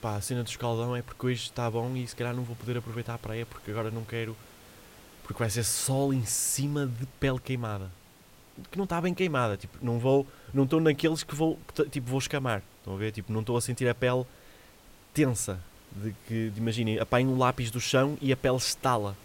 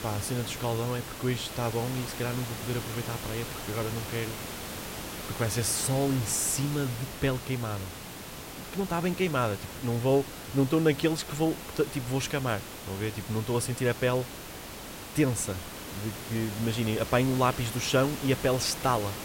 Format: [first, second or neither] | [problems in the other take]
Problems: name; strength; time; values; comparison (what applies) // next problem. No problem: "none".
first | hiss; loud; throughout; 9 dB below the speech; faint in the first